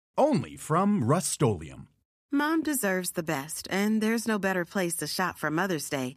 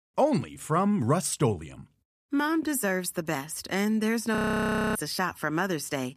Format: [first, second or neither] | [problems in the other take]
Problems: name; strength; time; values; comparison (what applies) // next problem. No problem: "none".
first | audio freezing; at 4.5 s for 0.5 s